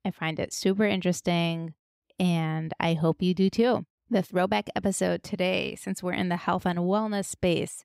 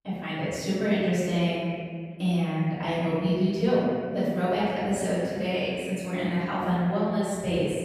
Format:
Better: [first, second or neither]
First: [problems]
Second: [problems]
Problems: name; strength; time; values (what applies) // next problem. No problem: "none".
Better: first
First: none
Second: off-mic speech; far // room echo; strong; dies away in 1.9 s